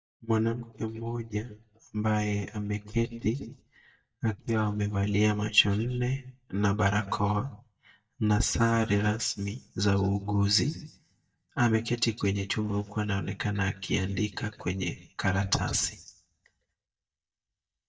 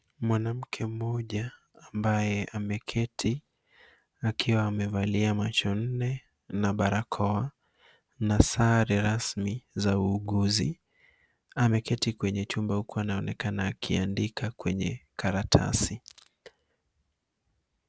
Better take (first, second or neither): second